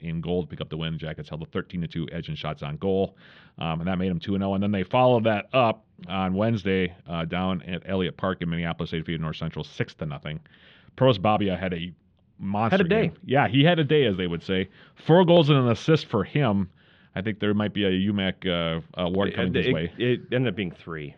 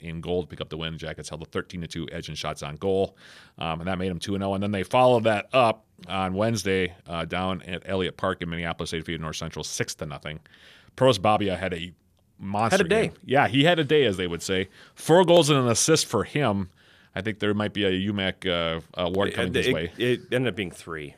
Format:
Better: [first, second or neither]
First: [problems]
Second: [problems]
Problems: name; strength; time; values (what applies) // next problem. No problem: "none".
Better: second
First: muffled; very; fading above 3.5 kHz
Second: none